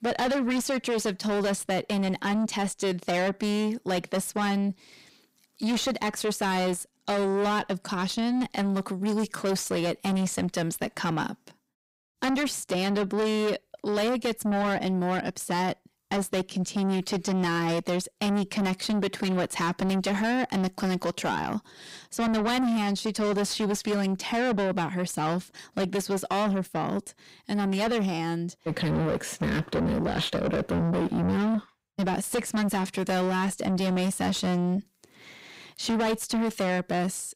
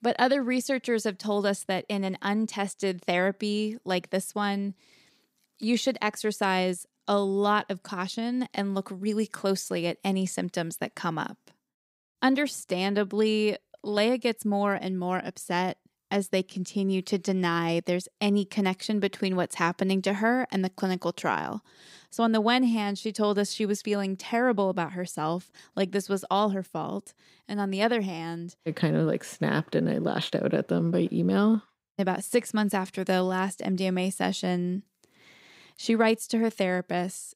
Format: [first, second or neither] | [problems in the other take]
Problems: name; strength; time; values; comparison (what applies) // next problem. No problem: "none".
second | distortion; heavy; 6 dB below the speech